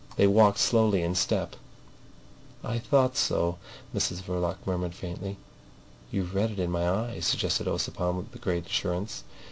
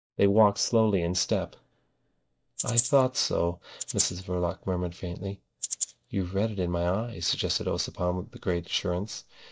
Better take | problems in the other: first | noise reduction (neural mask model DeepFilterNet 3)

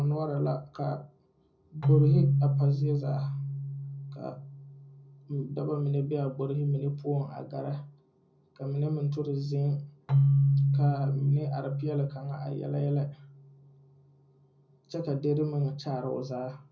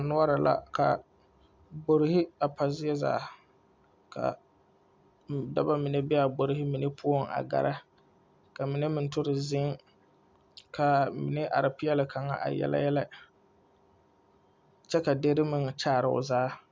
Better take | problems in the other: second | background sound (Keyboard (musical)); 1 dB above the speech // room echo; dies away in 0.4 s

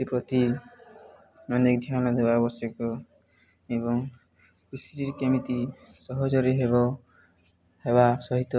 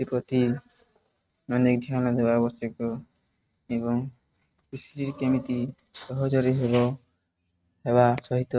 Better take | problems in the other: first | noise reduction (neural mask model RNNoise)

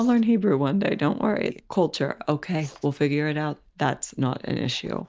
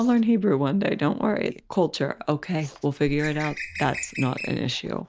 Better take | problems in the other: first | background sound (Bird); 11 dB below the speech

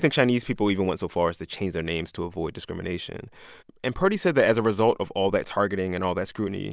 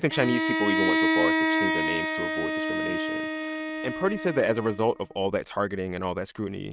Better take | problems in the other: first | noise reduction (neural mask model RNNoise)

